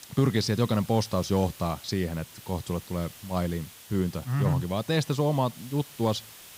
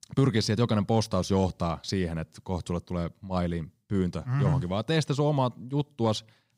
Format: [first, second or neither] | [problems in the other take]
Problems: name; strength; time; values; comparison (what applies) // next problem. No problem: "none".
second | hiss; noticeable; throughout; 15 dB below the speech